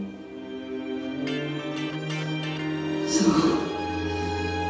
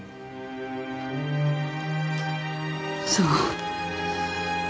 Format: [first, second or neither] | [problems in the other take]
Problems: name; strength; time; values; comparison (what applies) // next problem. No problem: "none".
second | background sound (Electric guitar); 13 dB below the speech // room echo; dies away in 1.1 s